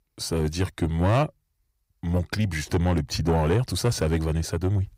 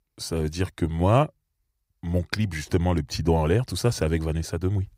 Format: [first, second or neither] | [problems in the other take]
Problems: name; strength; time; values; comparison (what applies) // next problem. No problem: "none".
second | distortion; slight; 10 dB below the speech